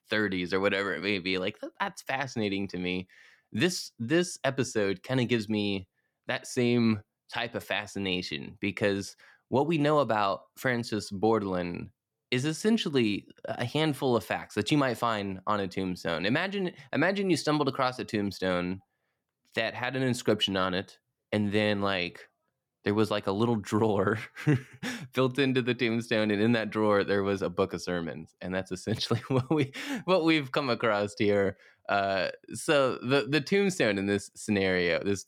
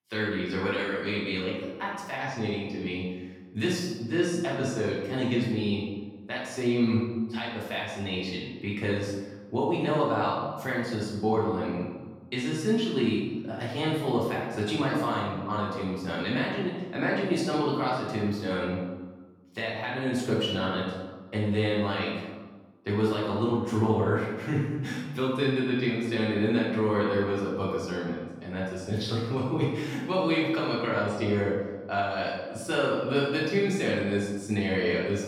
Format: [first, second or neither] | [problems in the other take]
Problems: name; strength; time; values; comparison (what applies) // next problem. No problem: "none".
first | room echo; noticeable; dies away in 1.2 s // off-mic speech; far